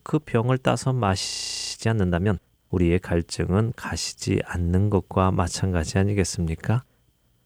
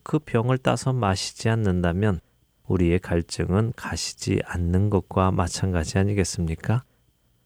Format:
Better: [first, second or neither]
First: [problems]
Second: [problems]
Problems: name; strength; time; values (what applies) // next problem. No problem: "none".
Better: second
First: audio freezing; at 1.5 s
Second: none